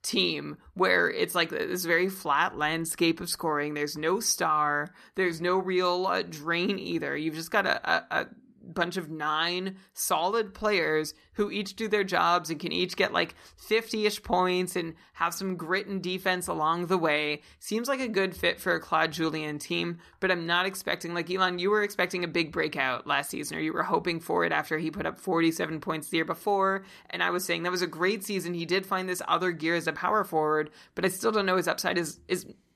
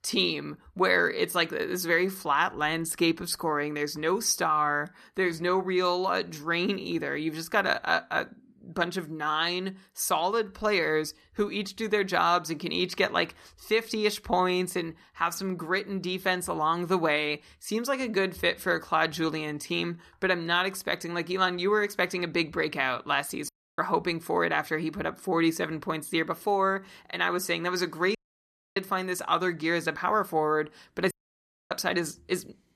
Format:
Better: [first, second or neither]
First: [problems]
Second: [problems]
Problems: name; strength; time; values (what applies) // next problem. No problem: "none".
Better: first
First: none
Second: audio cutting out; at 23 s, at 28 s for 0.5 s and at 31 s for 0.5 s